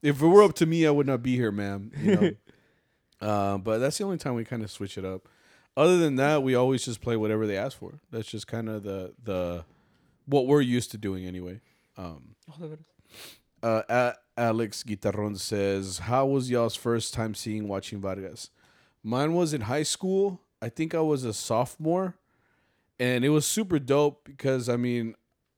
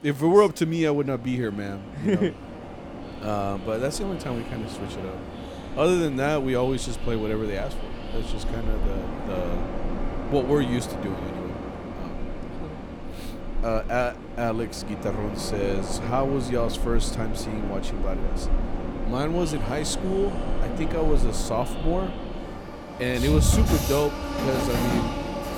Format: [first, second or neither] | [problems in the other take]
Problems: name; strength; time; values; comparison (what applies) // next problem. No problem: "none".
first | train or aircraft noise; loud; throughout; 5 dB below the speech